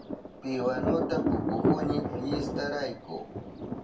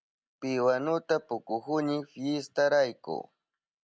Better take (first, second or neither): second